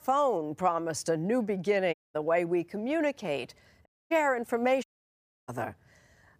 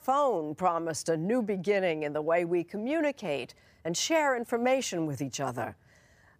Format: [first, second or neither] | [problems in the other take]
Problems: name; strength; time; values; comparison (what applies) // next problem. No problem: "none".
second | audio cutting out; at 2 s, at 4 s and at 5 s for 0.5 s